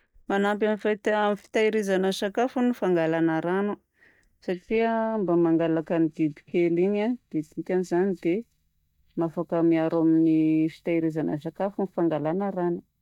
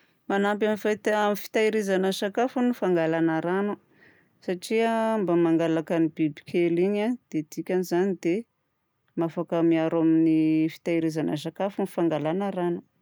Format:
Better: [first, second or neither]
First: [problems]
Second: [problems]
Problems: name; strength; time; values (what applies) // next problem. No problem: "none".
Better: second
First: noise reduction (neural mask model DeepFilterNet 3)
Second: none